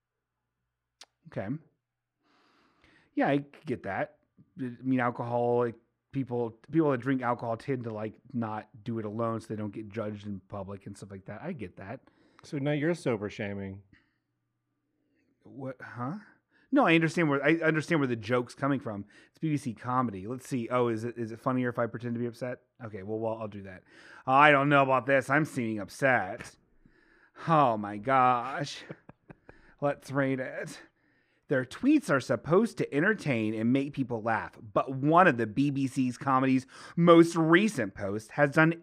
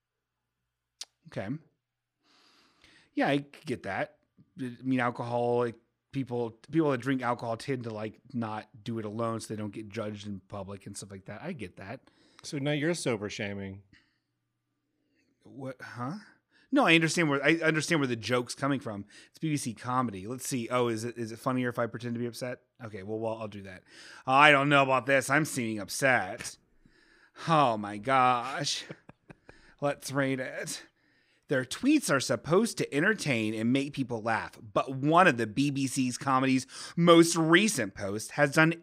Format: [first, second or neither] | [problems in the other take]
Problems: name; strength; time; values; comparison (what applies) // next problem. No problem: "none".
second | muffled; slightly; fading above 2.5 kHz